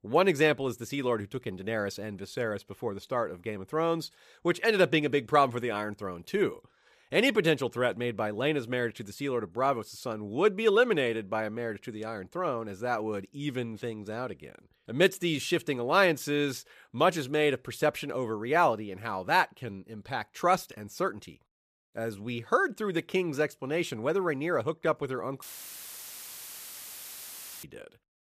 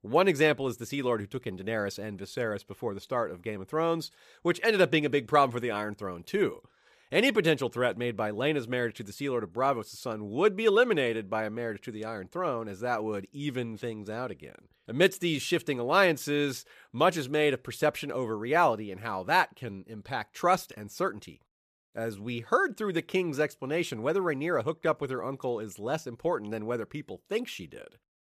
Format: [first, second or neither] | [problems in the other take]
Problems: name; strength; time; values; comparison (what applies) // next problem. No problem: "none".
second | audio cutting out; filled with static; at 25 s for 2 s